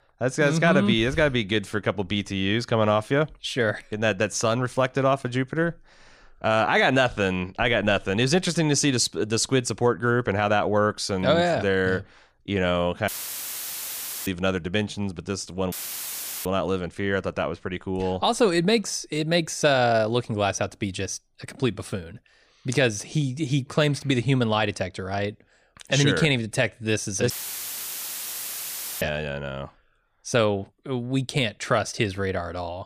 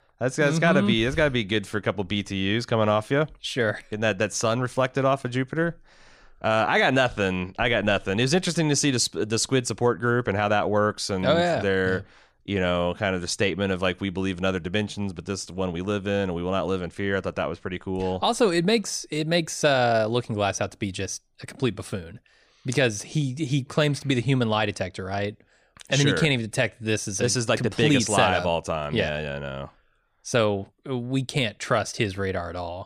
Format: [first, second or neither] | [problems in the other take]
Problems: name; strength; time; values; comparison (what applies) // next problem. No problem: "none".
second | audio cutting out; filled with static; at 13 s for 1 s, at 16 s for 0.5 s and at 27 s for 1.5 s